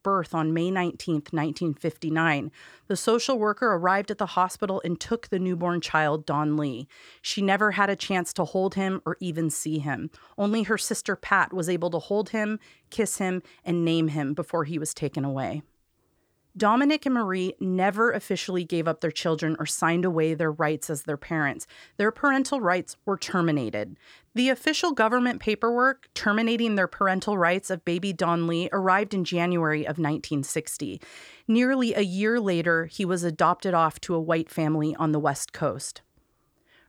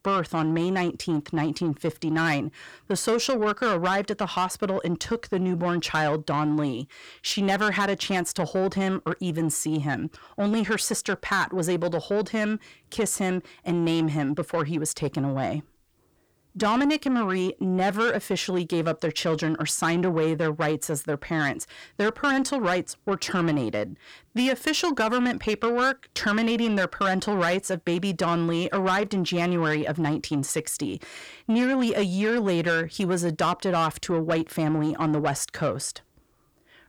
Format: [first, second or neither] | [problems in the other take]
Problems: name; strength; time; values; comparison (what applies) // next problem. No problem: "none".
first | distortion; slight; 10 dB below the speech